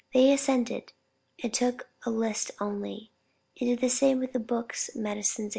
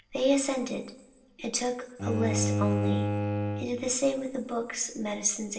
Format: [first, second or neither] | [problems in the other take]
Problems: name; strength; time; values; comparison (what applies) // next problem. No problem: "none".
first | background sound (Bowed string instrument); 3 dB below the speech // room echo; dies away in 0.8 s